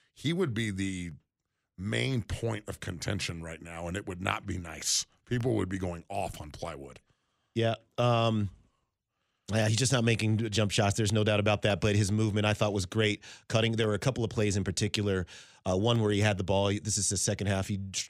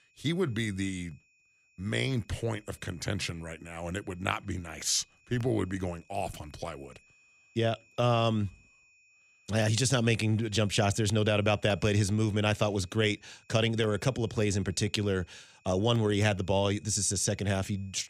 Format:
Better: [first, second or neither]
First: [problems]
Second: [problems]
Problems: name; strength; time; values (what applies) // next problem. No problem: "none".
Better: first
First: none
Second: high-pitched whine; faint; throughout; 2.5 kHz, 30 dB below the speech